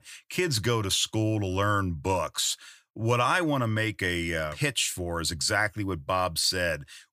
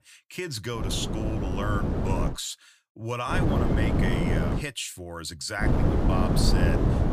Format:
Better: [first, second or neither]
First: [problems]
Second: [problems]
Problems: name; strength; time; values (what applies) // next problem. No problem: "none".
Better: first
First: none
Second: wind noise on the microphone; heavy; from 1 to 2.5 s, from 3.5 to 4.5 s and from 5.5 s on; as loud as the speech